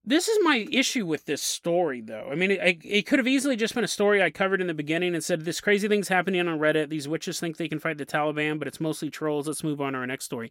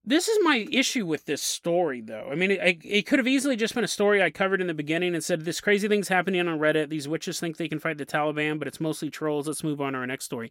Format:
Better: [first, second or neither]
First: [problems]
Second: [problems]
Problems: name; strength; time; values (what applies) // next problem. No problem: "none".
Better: neither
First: none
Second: none